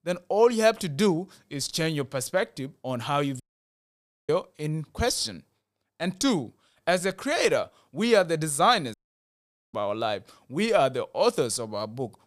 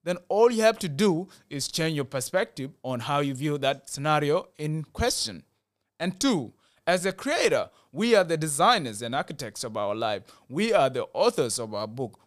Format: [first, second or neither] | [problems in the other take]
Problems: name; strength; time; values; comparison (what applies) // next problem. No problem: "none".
second | audio cutting out; at 3.5 s for 1 s and at 9 s for 1 s